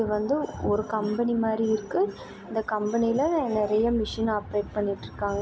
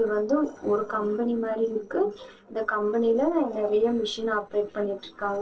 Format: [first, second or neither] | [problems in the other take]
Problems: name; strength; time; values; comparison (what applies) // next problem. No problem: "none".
first | noise reduction (neural separator model SepFormer DNS4)